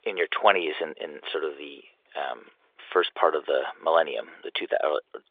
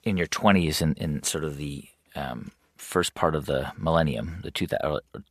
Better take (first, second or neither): second